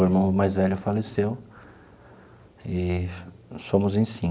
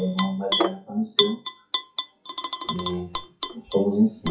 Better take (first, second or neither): first